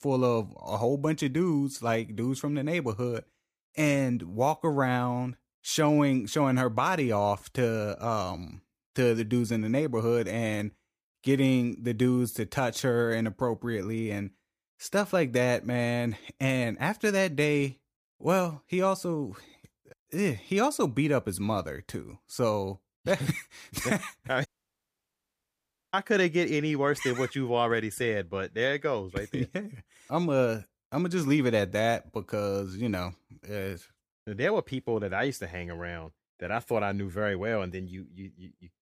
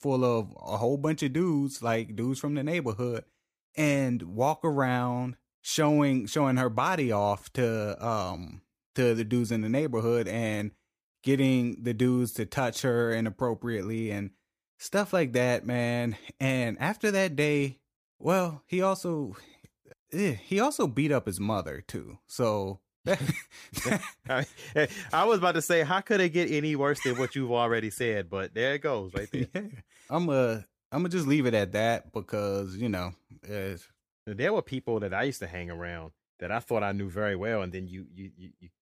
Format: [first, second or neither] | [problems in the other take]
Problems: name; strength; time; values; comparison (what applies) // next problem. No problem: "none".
second | audio cutting out; at 24 s for 1.5 s